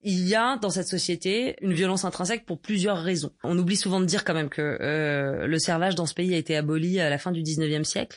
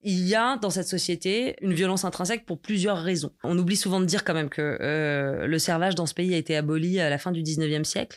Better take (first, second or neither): second